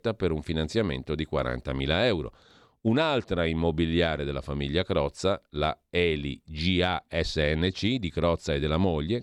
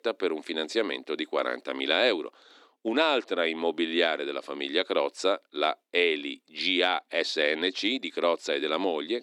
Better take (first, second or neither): first